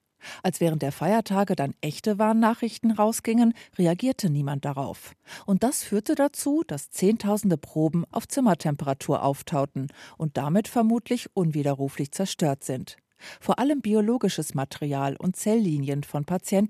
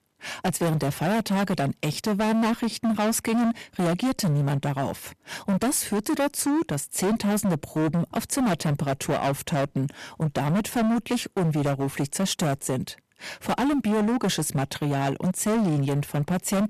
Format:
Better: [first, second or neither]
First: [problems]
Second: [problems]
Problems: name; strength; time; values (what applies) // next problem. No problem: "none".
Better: first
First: none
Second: distortion; heavy; 24% of the sound clipped